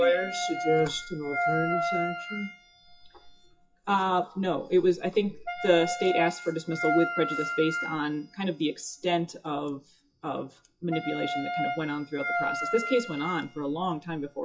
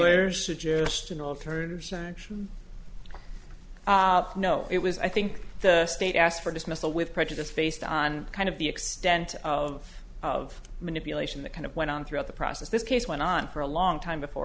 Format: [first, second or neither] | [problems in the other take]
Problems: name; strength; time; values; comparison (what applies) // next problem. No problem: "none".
second | noise reduction (classical method WPE with log-MMSE)